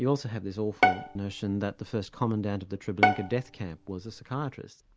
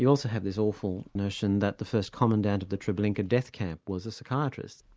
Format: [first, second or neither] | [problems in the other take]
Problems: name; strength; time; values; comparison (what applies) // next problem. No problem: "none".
second | background sound (Bowed string instrument); 1 dB above the speech